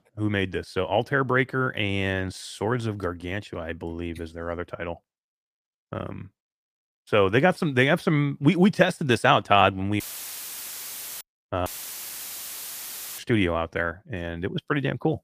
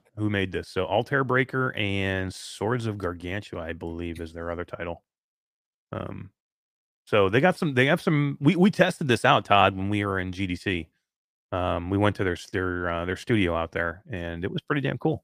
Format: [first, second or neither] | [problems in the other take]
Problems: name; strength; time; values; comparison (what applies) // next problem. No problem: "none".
second | audio cutting out; filled with static; at 10 s for 1 s and at 12 s for 1.5 s